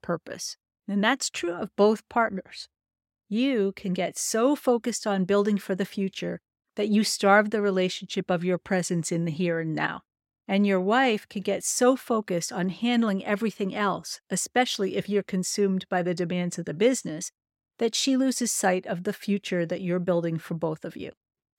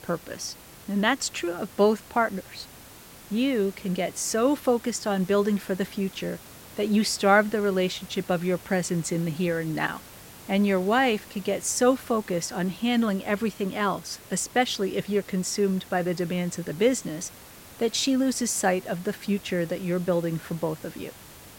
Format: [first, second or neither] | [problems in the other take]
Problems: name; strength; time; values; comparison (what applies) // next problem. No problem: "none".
first | hiss; noticeable; throughout; 20 dB below the speech